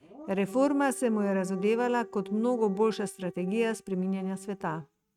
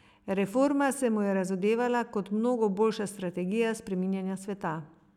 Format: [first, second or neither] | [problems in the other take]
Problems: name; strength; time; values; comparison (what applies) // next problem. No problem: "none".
second | noise reduction (neural mask model RNNoise)